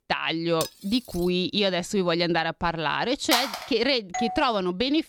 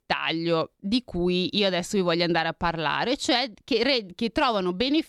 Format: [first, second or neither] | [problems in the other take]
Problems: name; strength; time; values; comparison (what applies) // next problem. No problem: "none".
second | clattering dishes; noticeable; at 0.5 s; peak 10 dB below the speech // phone ringing; noticeable; at 3.5 s; peak 2 dB below the speech // doorbell; noticeable; at 4 s; peak 7 dB below the speech